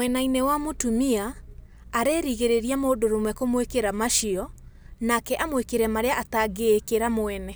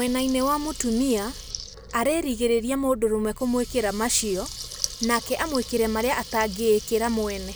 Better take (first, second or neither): first